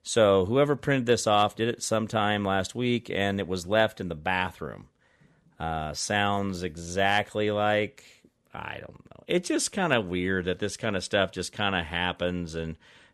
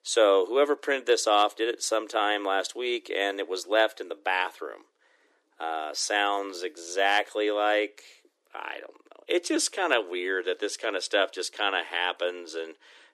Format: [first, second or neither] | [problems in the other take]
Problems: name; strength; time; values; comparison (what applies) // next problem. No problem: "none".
first | thin; very; fading below 300 Hz